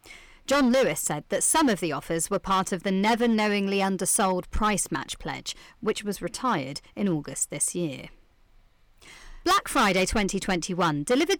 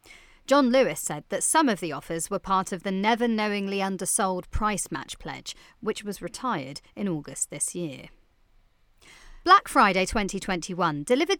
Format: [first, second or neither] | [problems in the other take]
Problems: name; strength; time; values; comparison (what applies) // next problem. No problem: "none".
second | distortion; heavy; 7% of the sound clipped